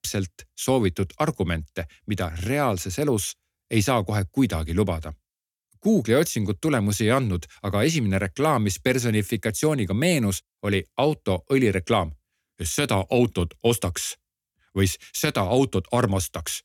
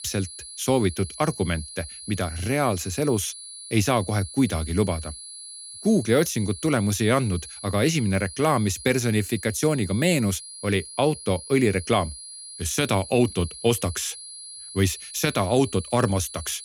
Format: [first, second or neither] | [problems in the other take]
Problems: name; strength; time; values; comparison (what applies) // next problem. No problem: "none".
first | high-pitched whine; noticeable; throughout; 10 kHz, 15 dB below the speech